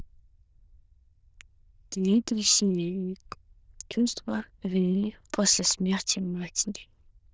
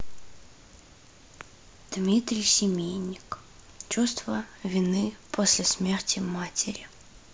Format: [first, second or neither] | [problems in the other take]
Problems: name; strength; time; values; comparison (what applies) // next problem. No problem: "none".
second | noise reduction (neural diffusion model UNIVERSE++)